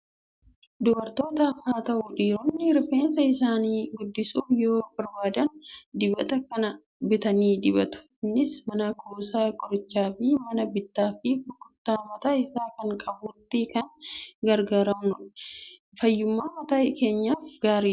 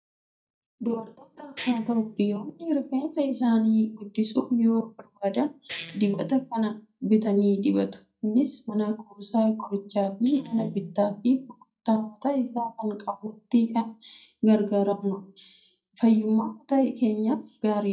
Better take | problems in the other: first | noise reduction (neural mask model DeepFilterNet 3)

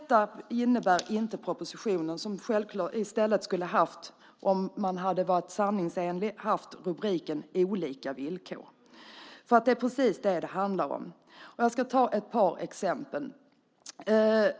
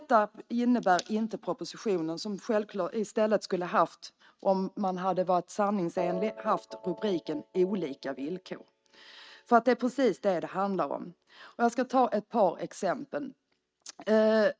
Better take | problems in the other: first | noise reduction (neural mask model RNNoise)

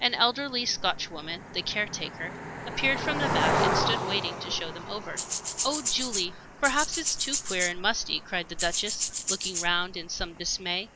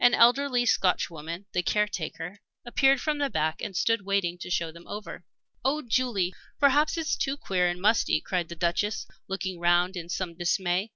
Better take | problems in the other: second | background sound (Rattle (instrument) + Cricket); 2 dB below the speech

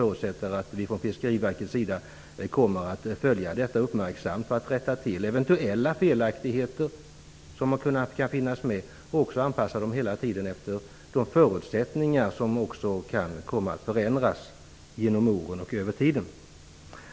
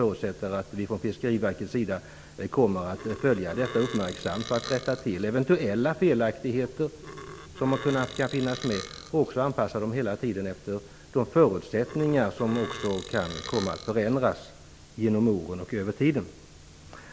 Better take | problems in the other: first | background sound (Burping, eructation); 14 dB below the speech

